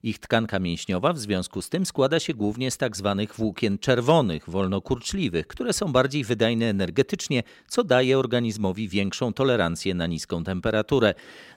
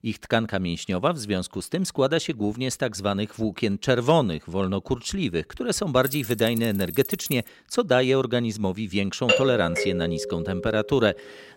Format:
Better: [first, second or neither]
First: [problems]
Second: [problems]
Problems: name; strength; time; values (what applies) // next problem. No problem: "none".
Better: first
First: none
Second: jangling keys; noticeable; from 6 to 7.5 s; peak 7 dB below the speech // doorbell; loud; from 9.5 to 11 s; peak 3 dB above the speech